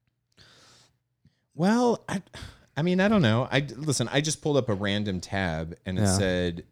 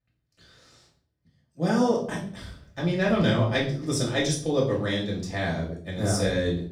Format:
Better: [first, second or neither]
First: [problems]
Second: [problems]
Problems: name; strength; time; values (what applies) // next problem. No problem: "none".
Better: first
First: none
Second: off-mic speech; far // room echo; slight; dies away in 0.5 s